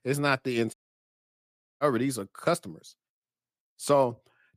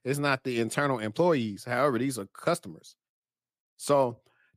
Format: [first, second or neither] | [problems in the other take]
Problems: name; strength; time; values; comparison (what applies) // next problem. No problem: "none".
second | audio cutting out; at 0.5 s for 1 s